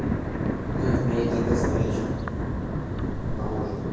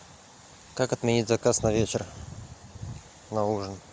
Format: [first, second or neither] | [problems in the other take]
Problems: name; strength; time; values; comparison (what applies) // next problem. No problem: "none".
second | background sound (Thunder); 4 dB above the speech // room echo; dies away in 1.3 s